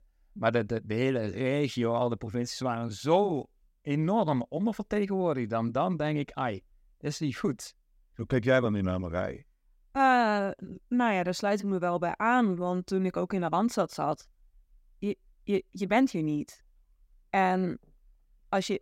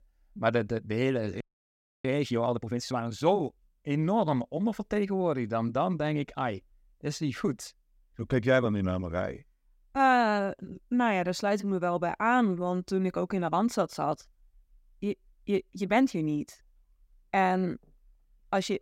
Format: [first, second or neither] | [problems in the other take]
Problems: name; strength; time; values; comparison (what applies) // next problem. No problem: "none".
first | audio freezing; at 1.5 s for 0.5 s